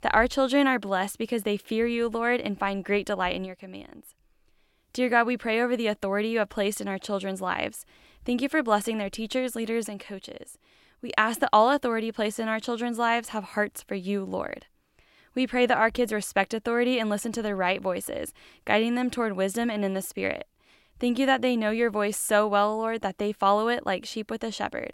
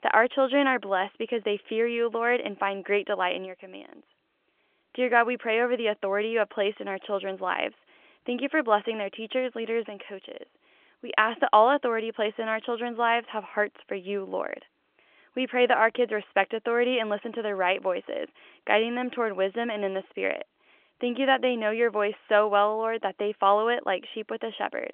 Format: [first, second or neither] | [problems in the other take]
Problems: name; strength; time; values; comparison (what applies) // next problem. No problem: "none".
first | phone-call audio; nothing above 3.5 kHz